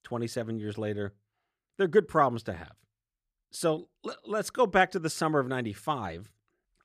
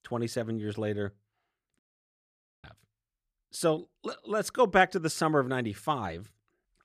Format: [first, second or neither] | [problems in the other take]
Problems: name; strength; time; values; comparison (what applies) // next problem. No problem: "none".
first | audio cutting out; at 2 s for 1 s